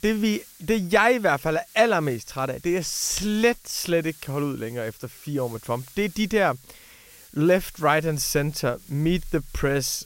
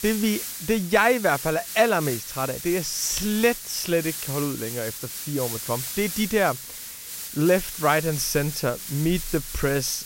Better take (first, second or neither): first